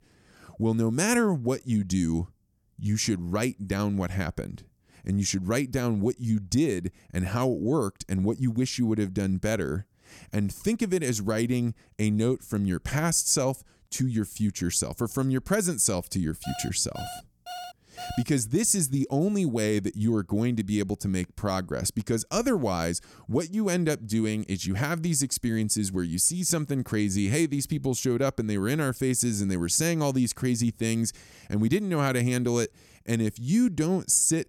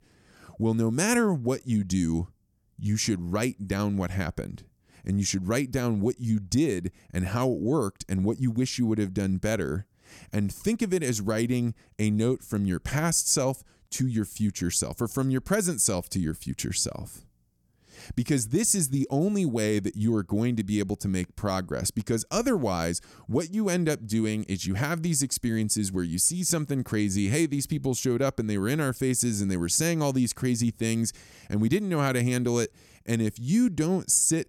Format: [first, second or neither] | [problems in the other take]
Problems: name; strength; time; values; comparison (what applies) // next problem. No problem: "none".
second | alarm; faint; from 16 to 18 s; peak 15 dB below the speech